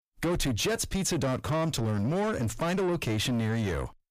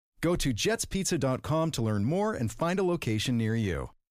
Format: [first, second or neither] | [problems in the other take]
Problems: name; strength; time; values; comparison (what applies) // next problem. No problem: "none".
second | distortion; slight; 10 dB below the speech